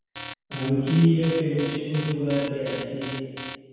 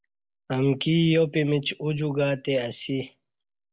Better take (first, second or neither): second